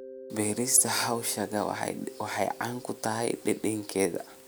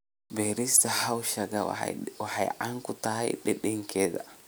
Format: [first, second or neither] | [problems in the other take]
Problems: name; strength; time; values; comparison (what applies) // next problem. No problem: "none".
second | background sound (Mallet percussion); 17 dB below the speech